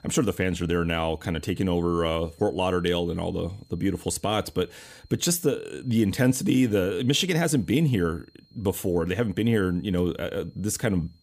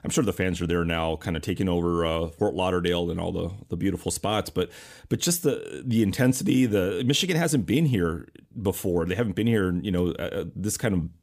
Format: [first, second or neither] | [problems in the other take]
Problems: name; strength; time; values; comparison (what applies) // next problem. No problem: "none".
second | high-pitched whine; faint; throughout; 4 kHz, 35 dB below the speech